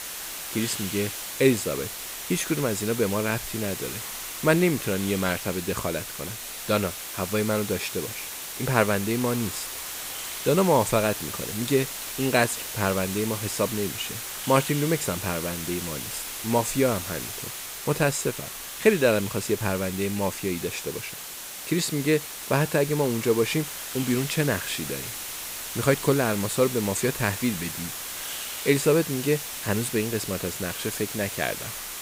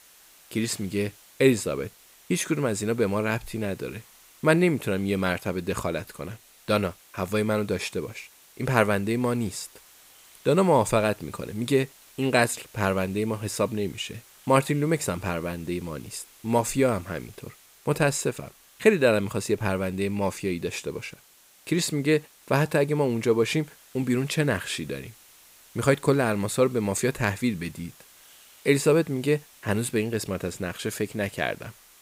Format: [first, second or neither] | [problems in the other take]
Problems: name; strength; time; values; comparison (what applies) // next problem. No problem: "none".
second | hiss; loud; throughout; 6 dB below the speech; faint in the second